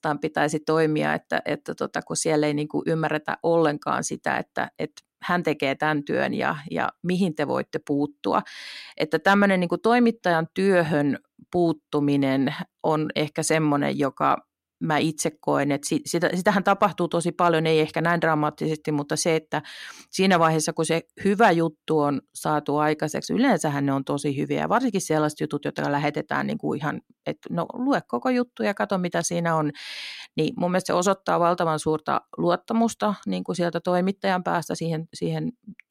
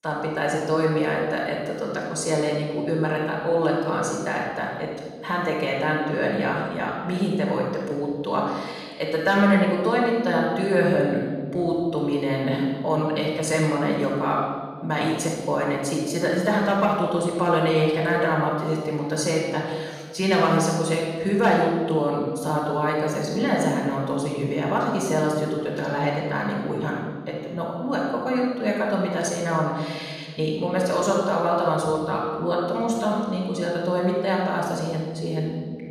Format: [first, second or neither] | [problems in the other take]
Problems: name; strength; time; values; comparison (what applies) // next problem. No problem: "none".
first | off-mic speech; far // room echo; noticeable; dies away in 1.4 s